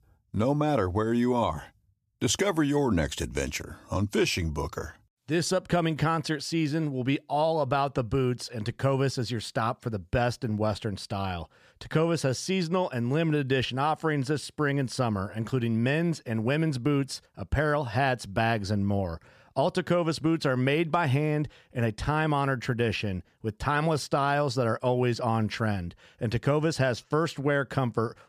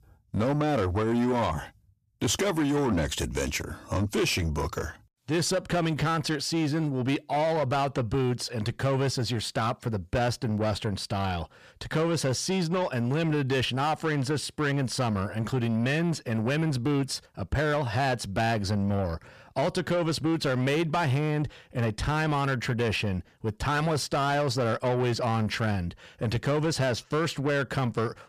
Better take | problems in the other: first | distortion; slight; 10 dB below the speech

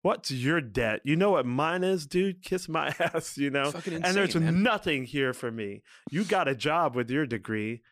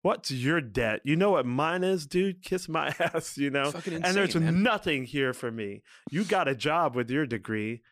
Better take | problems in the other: neither | none

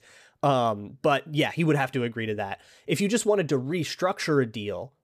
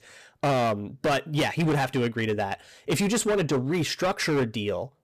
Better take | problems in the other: first | distortion; heavy; 15% of the sound clipped

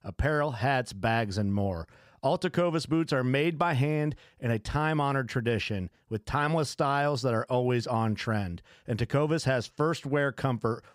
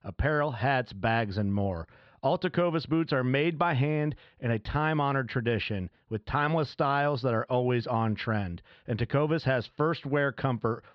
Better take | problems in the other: first | muffled; very slightly; fading above 4 kHz

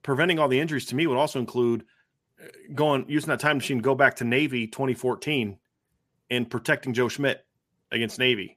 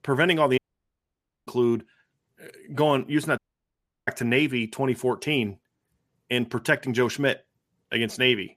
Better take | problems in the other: first | audio cutting out; at 0.5 s for 1 s and at 3.5 s for 0.5 s

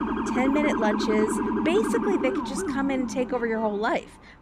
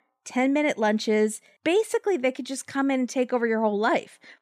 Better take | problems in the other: second | siren; loud; peak 1 dB above the speech

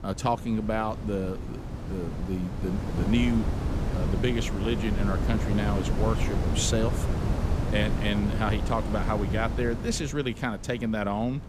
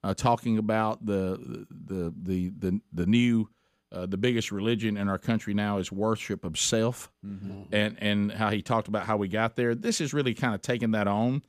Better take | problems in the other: second | wind noise on the microphone; heavy; 6 dB below the speech

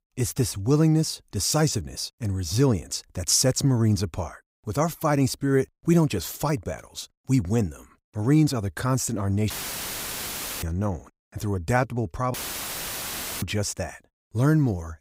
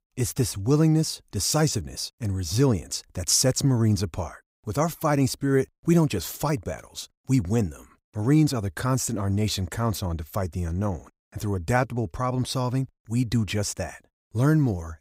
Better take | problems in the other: second | audio cutting out; filled with static; at 9.5 s for 1 s and at 12 s for 1 s

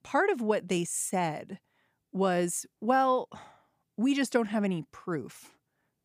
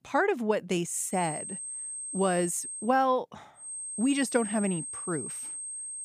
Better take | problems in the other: first | high-pitched whine; loud; from 1 to 3 s and from 3.5 s on; 8.5 kHz, 7 dB below the speech

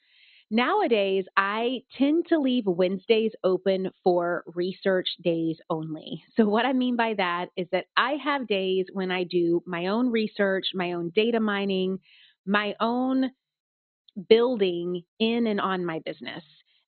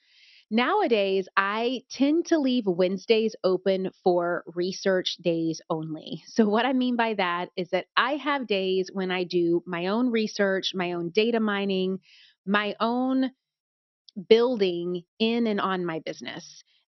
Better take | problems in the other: second | garbled, watery; badly; nothing above 4 kHz; slightly in the second

